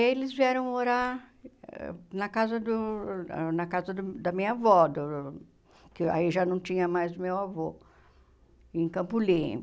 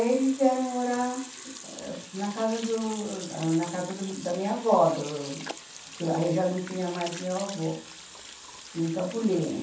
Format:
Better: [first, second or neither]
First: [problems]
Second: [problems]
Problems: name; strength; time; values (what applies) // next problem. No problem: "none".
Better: first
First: none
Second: background sound (Sink (filling or washing) / Water tap, faucet); 14 dB below the speech // room echo; dies away in 0.7 s